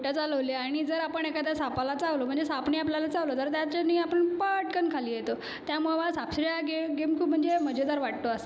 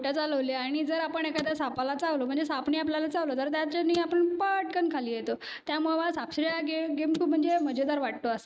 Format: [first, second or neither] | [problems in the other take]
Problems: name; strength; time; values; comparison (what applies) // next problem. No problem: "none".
first | noise reduction (neural mask model RNNoise)